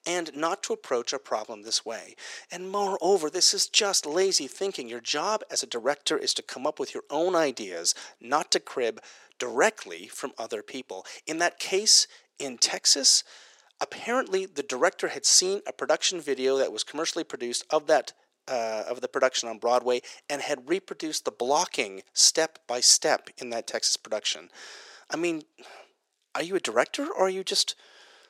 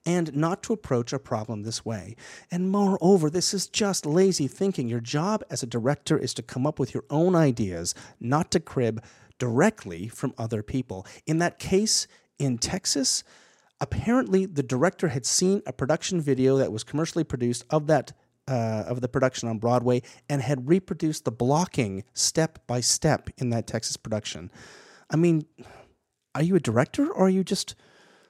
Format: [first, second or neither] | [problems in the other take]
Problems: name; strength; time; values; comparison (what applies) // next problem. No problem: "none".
second | thin; very; fading below 400 Hz